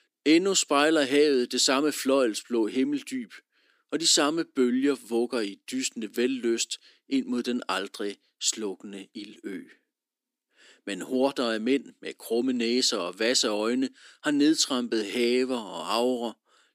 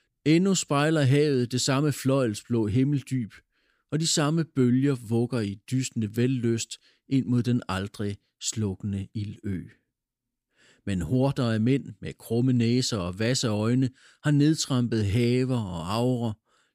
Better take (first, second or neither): second